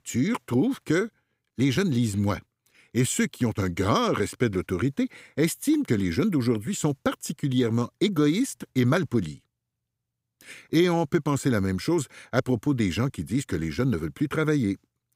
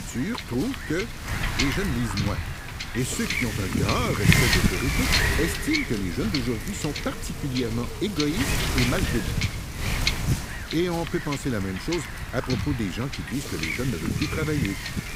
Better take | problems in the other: first | wind noise on the microphone; heavy; 4 dB above the speech

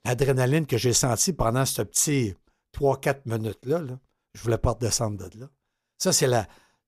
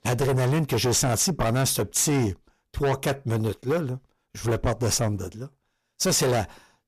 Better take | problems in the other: first | distortion; heavy; 7 dB below the speech

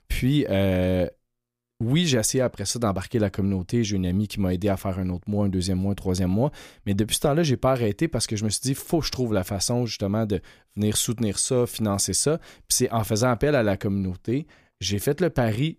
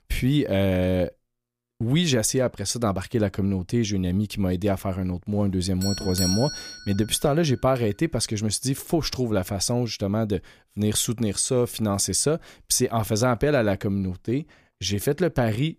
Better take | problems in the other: first | doorbell; noticeable; from 6 to 7 s; peak 2 dB below the speech

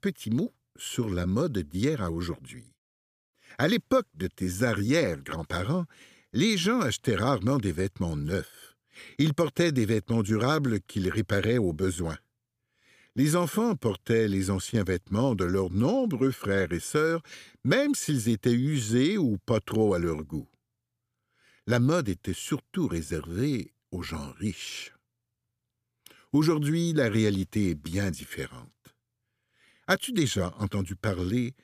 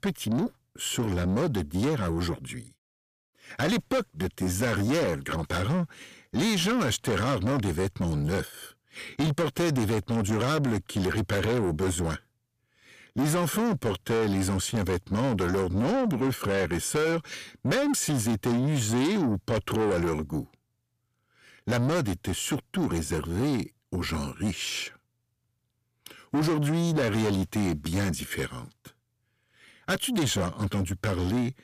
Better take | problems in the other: first | distortion; heavy; 7 dB below the speech

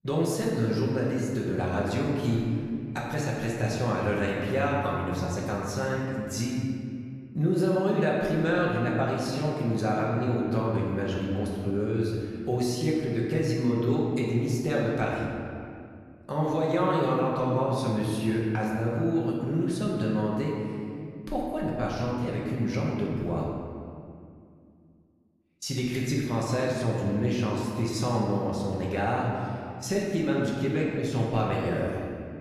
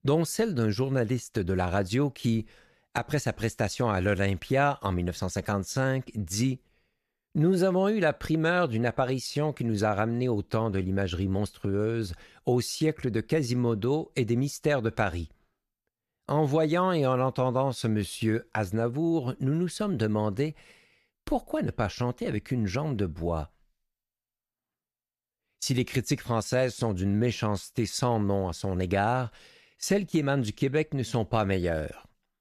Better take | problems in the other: second | room echo; noticeable; dies away in 2.1 s // off-mic speech; far

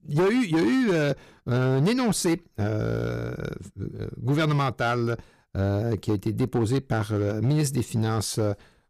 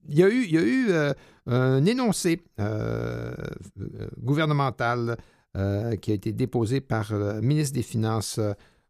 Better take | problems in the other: second | distortion; slight; 9% of the sound clipped

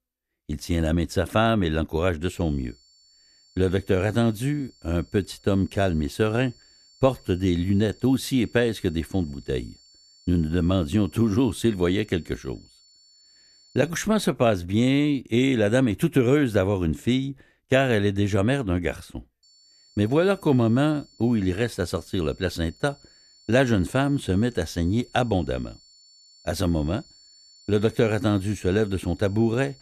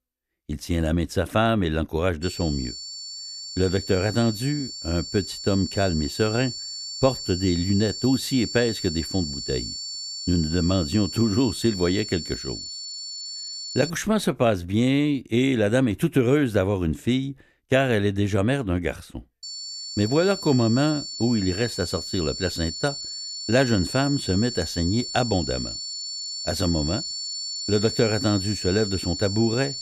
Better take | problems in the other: first | high-pitched whine; loud; from 2 to 14 s and from 19 s on; 4.5 kHz, 7 dB below the speech; faint in the first

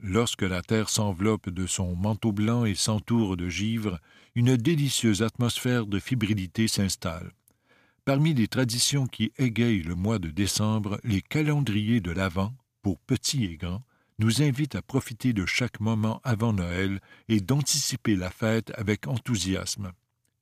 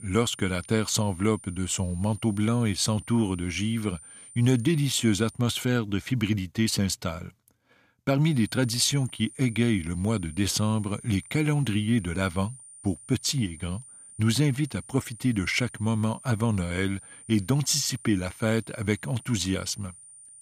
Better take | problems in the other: first | high-pitched whine; noticeable; until 5.5 s and from 8.5 s on; 9 kHz, 20 dB below the speech

